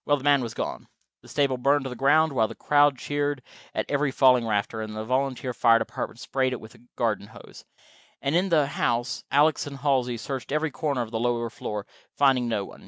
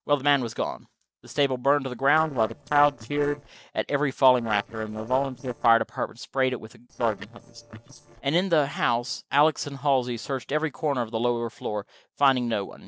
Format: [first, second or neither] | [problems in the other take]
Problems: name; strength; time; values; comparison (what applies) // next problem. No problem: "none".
first | noise reduction (neural separator model SepFormer DNS4)